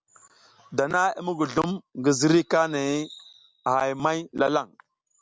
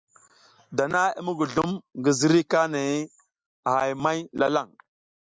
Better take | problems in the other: first | noise reduction (neural mask model Resemble Enhance denoiser)

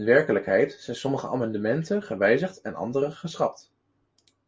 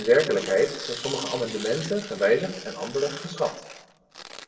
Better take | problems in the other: first | background sound (Tearing); 12 dB below the speech // room echo; dies away in 0.7 s

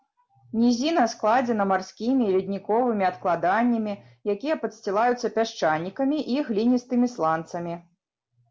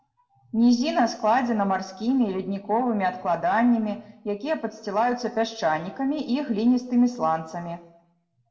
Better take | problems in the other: first | room echo; dies away in 0.8 s

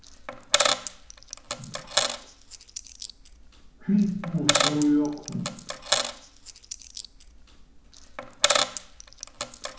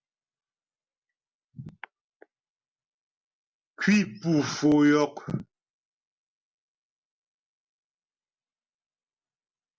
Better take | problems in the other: second | background sound (Coin (dropping)); 2 dB above the speech // room echo; dies away in 0.9 s

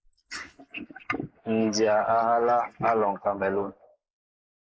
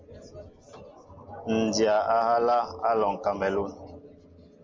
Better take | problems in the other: second | noise reduction (neural mask model Resemble Enhance denoiser)

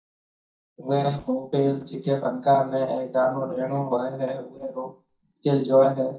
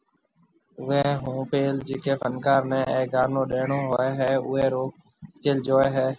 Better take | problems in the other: second | noise reduction (neural mask model DeepFilterNet 3)

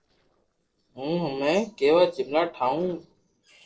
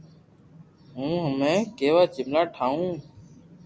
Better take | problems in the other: second | noise reduction (neural separator model SepFormer DNS4)

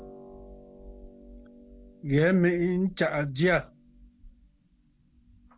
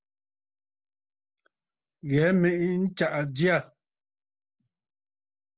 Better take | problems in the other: second | background sound (Harp); 20 dB below the speech

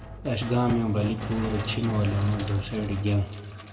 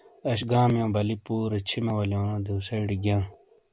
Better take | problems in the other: second | background sound (Sink (filling or washing)); 8 dB below the speech // room echo; dies away in 1.4 s

